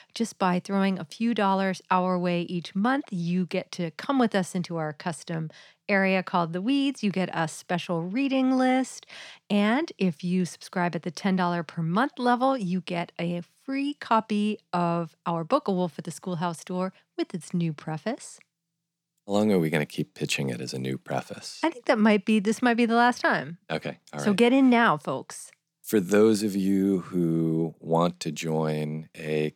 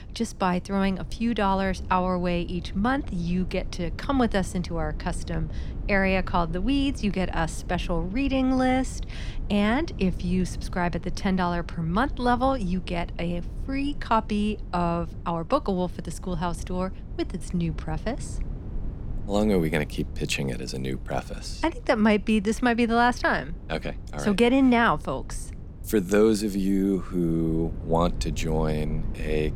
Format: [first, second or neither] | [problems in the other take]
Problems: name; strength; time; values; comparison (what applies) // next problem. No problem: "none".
first | low rumble; faint; throughout; 20 dB below the speech